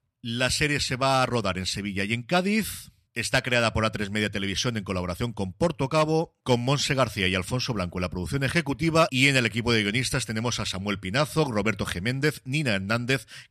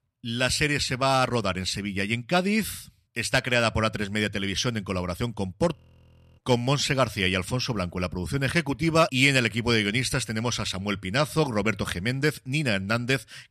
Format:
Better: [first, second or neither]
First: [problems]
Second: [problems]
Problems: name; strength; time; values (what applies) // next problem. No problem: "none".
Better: first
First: none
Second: audio freezing; at 6 s for 0.5 s